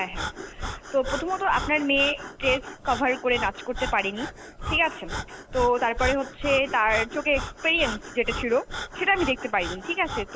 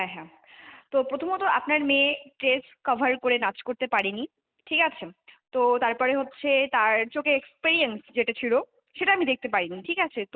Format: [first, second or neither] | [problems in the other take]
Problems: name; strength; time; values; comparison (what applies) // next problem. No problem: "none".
second | background sound (Breathing); 8 dB below the speech